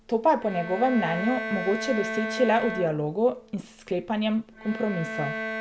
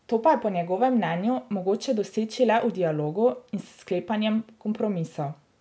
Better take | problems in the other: second | background sound (Bowed string instrument); 8 dB below the speech

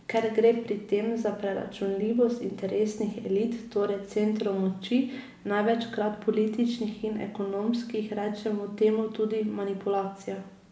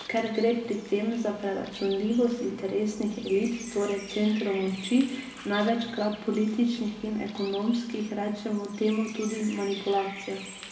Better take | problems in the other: first | background sound (Bird); 16 dB below the speech // room echo; dies away in 1.1 s

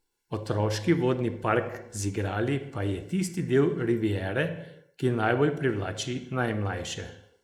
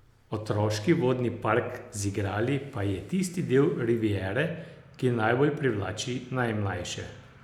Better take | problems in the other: second | noise reduction (neural mask model Resemble Enhance denoiser)

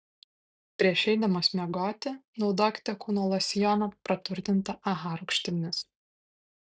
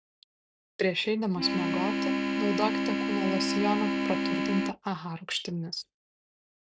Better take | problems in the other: first | background sound (Organ); 3 dB above the speech

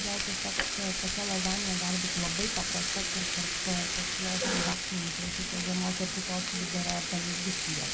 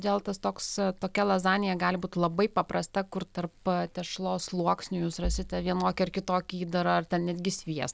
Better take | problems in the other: second | background sound (Frying (food)); 4 dB above the speech // room echo; dies away in 0.4 s

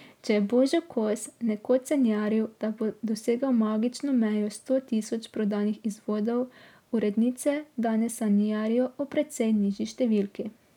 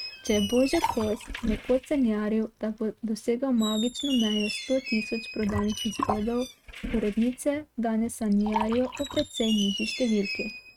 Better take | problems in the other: first | noise reduction (neural mask model RNNoise)

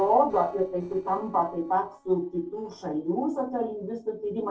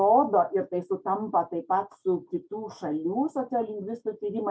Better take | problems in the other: second | noise reduction (neural separator model SepFormer DNS4)

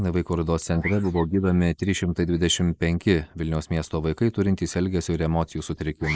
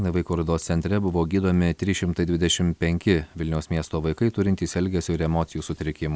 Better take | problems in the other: second | noise reduction (neural mask model Resemble Enhance denoiser)

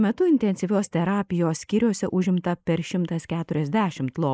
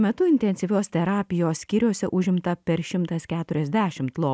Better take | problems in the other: second | noise reduction (neural mask model Resemble Enhance denoiser)

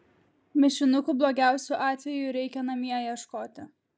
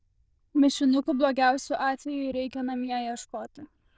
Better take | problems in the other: first | noise reduction (neural diffusion model UNIVERSE++)

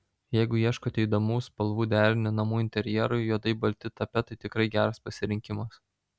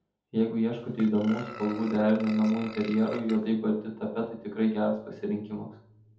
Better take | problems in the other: first | background sound (Burping, eructation); 16 dB below the speech // room echo; dies away in 0.6 s

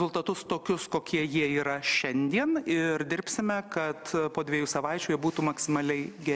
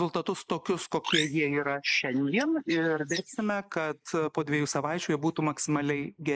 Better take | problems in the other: first | noise reduction (neural mask model Resemble Enhance denoiser)

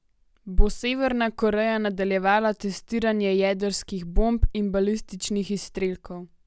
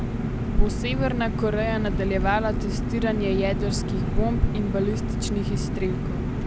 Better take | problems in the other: first | background sound (Engine); as loud as the speech

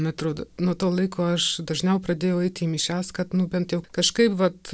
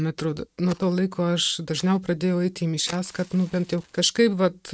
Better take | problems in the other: first | noise reduction (neural mask model RNNoise)

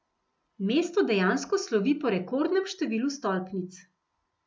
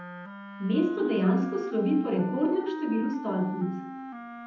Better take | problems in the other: first | background sound (Wind instrument, woodwind instrument); 11 dB below the speech // room echo; dies away in 0.8 s

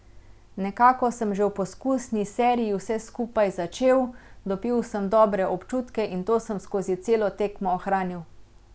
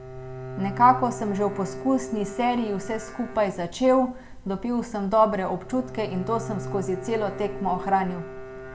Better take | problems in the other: first | background sound (Bowed string instrument); 12 dB below the speech // room echo; dies away in 1.4 s

